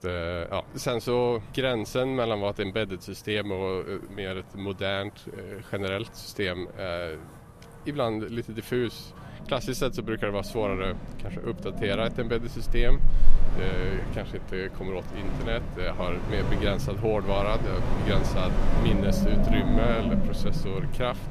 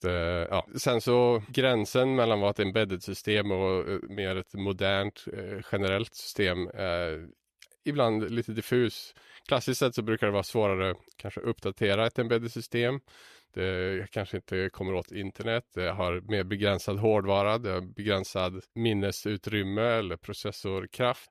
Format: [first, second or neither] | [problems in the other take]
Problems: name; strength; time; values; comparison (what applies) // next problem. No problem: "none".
second | wind in the background; loud; throughout; 1 dB below the speech